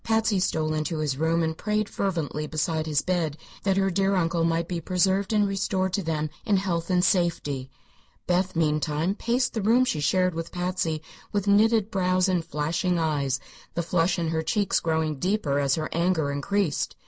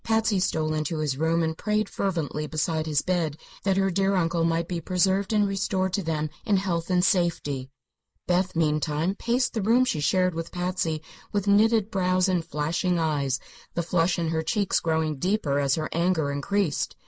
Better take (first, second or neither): first